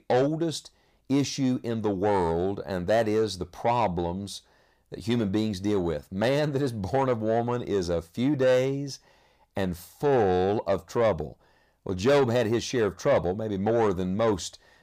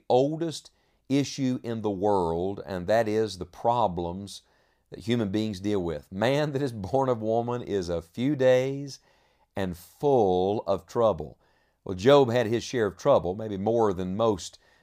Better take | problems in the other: second | distortion; slight; 10 dB below the speech

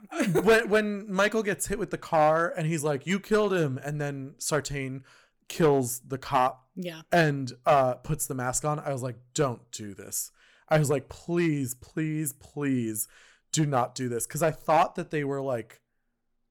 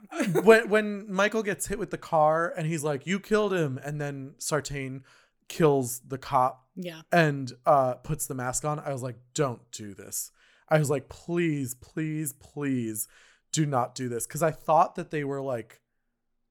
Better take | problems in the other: second | distortion; slight; 2% of the sound clipped

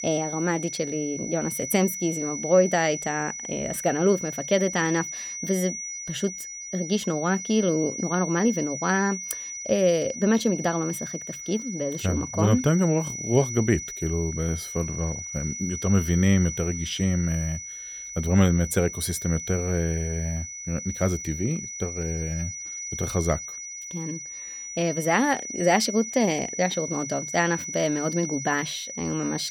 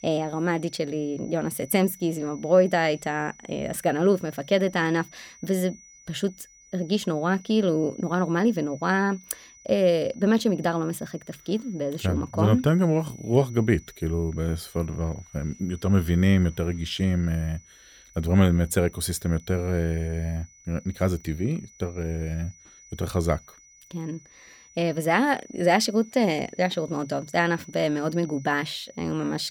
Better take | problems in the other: second | high-pitched whine; loud; throughout; 6 kHz, 7 dB below the speech; faint in the second

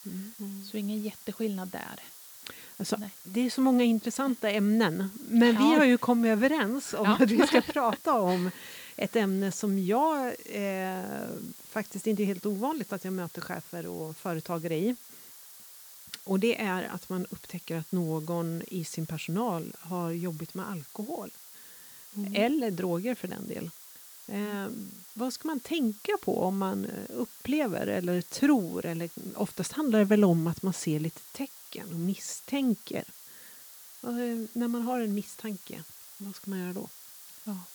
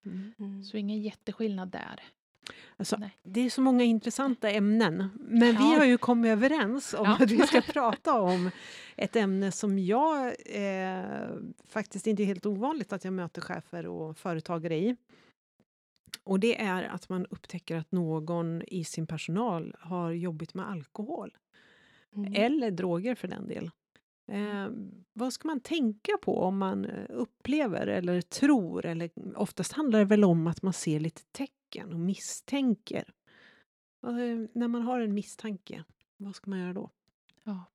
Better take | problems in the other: second | hiss; noticeable; throughout; 15 dB below the speech

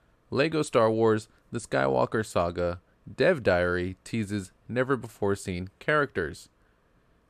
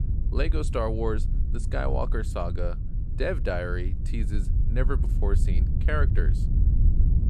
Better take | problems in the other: first | low rumble; noticeable; throughout; 10 dB below the speech

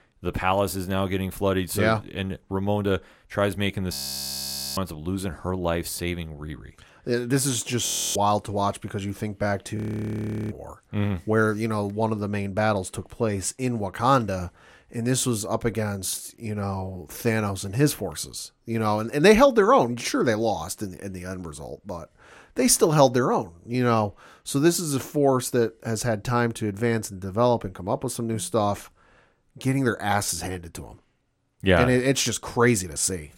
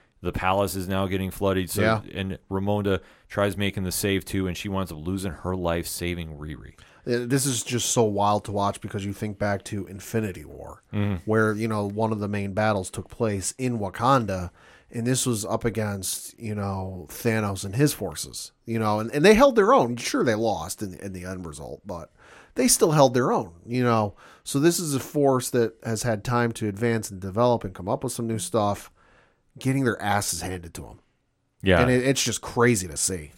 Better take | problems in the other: second | audio freezing; at 4 s for 1 s, at 8 s and at 10 s for 0.5 s

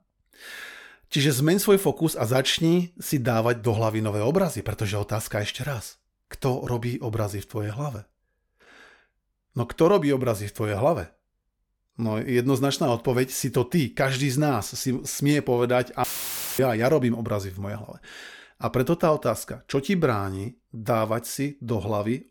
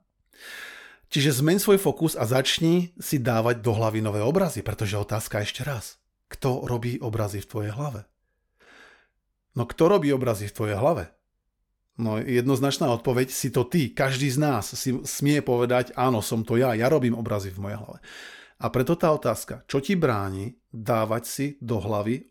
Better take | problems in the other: second | audio cutting out; filled with static; at 16 s for 0.5 s

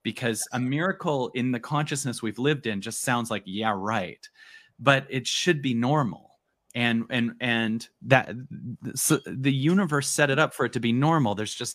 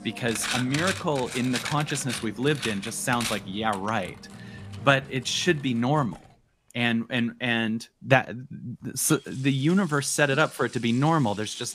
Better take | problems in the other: first | household noises; loud; throughout; 10 dB below the speech

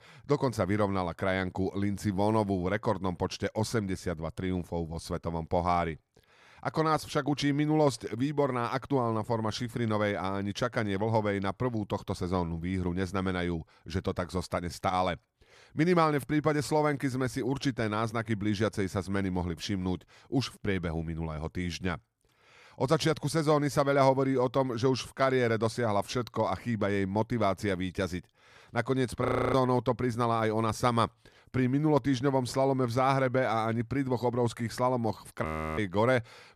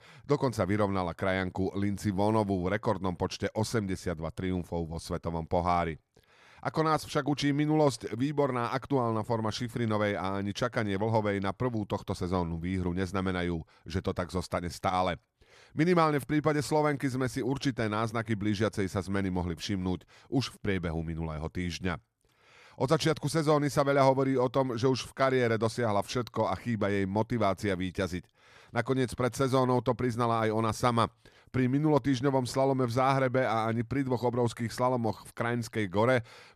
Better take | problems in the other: second | audio freezing; at 29 s and at 35 s

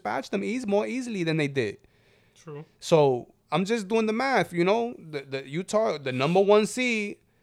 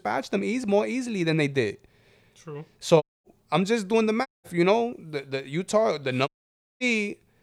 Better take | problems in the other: first | audio cutting out; at 3 s, at 4.5 s and at 6.5 s for 0.5 s

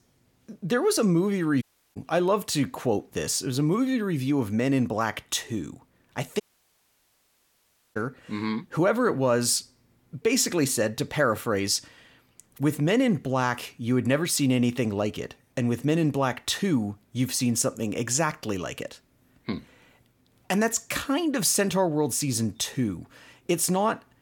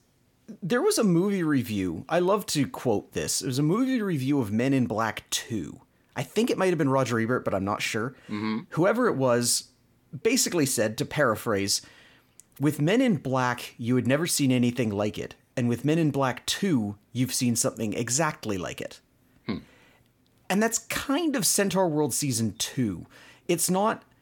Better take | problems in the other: second | audio cutting out; at 1.5 s and at 6.5 s for 1.5 s

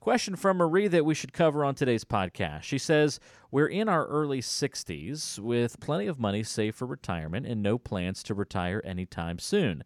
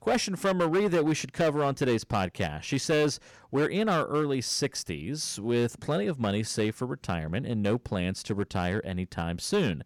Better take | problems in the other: first | distortion; slight; 7% of the sound clipped

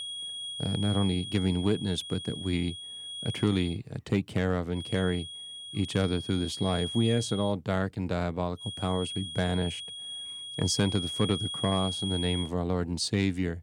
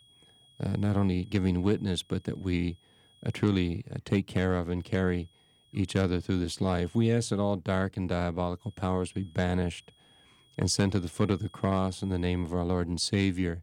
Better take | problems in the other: second | high-pitched whine; loud; until 3.5 s, from 5 to 7.5 s and from 8.5 to 12 s; 3.5 kHz, 6 dB below the speech; faint in the second

